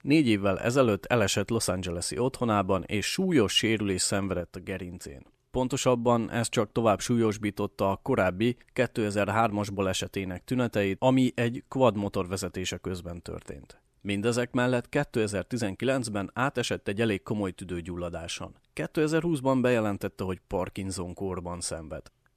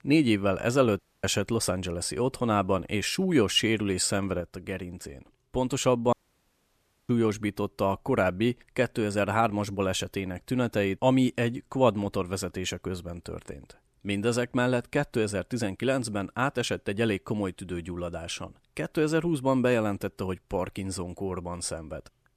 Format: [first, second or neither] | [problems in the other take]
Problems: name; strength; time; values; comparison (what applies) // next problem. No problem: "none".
first | audio cutting out; at 1 s and at 6 s for 1 s